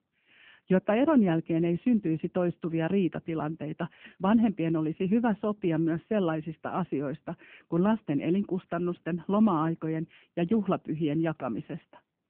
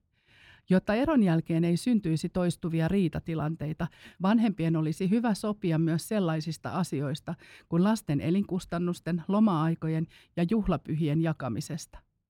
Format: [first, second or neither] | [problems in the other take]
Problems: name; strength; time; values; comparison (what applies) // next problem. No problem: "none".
second | phone-call audio